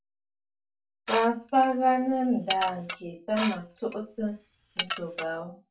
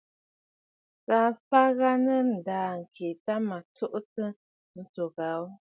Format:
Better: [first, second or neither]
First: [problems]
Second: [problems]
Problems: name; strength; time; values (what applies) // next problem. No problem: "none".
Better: second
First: background sound (Dishes, pots, and pans / Glass); 9 dB below the speech // room echo; dies away in 0.2 s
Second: none